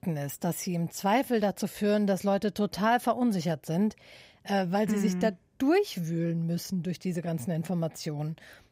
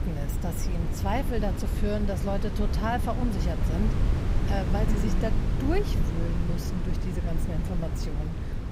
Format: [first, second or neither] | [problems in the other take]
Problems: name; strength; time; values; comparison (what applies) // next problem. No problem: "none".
first | wind noise on the microphone; heavy; 5 dB below the speech